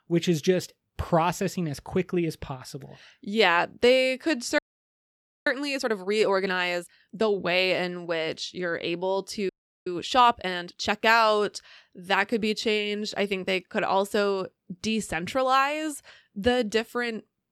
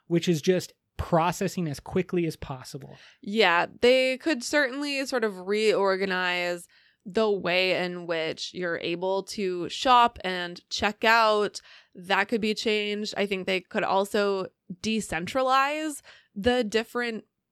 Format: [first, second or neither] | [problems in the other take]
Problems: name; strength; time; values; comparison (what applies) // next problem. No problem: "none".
second | audio freezing; at 4.5 s for 1 s and at 9.5 s